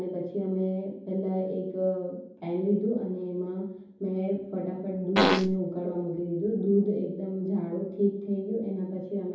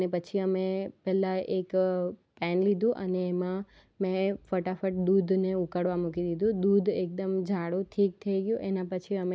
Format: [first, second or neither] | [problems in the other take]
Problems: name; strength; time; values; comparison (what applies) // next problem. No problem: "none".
second | background sound (Fart); 5 dB above the speech // room echo; dies away in 0.9 s